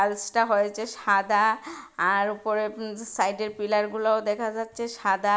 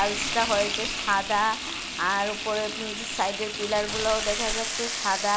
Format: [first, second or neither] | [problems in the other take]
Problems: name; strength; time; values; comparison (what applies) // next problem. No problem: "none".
first | background sound (Frying (food)); 3 dB below the speech